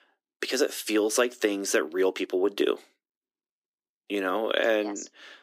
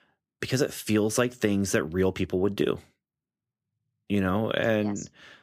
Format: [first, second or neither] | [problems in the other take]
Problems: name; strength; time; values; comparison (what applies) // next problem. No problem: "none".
second | thin; somewhat; fading below 300 Hz